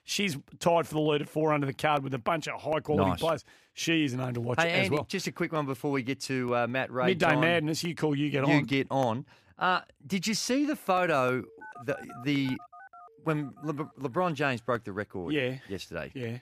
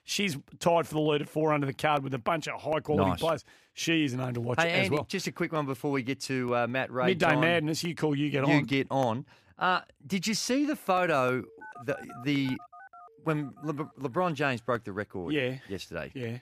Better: neither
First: phone ringing; faint; from 11 to 14 s; peak 15 dB below the speech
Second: phone ringing; faint; from 11 to 14 s; peak 15 dB below the speech

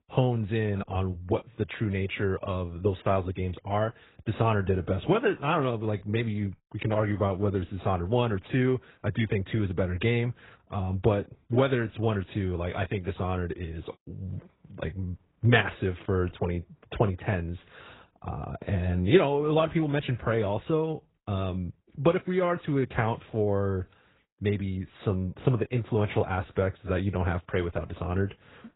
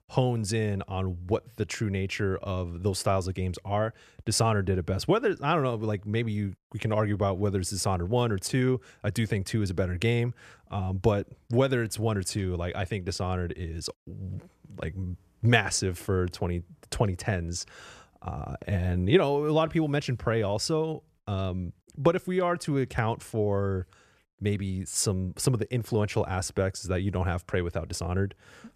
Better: second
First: garbled, watery; badly; nothing above 4 kHz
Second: none

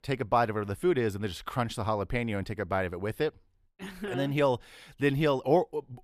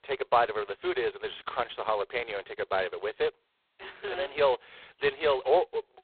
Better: first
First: none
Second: phone-call audio; poor line; nothing above 4 kHz

